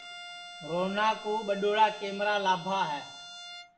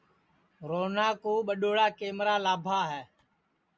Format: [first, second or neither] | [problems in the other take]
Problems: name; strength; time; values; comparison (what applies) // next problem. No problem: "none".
second | background sound (Bowed string instrument); 15 dB below the speech // room echo; dies away in 0.6 s